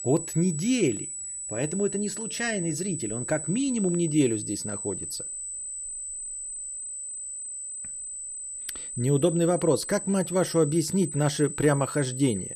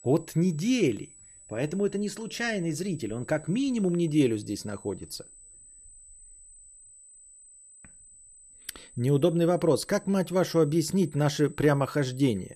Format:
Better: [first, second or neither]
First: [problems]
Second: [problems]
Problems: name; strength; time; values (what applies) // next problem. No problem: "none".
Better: second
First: high-pitched whine; loud; throughout; 8 kHz, 7 dB below the speech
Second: high-pitched whine; faint; throughout; 8 kHz, 20 dB below the speech